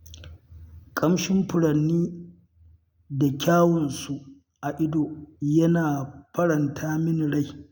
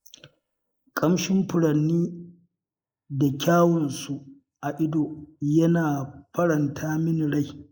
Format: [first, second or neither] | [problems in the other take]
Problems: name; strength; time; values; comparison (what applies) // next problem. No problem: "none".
first | noise reduction (neural mask model Resemble Enhance denoiser)